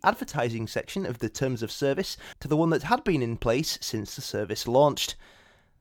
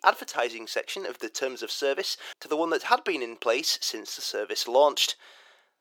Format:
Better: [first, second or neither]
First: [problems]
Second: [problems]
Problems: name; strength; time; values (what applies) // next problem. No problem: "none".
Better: first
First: none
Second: thin; very; fading below 400 Hz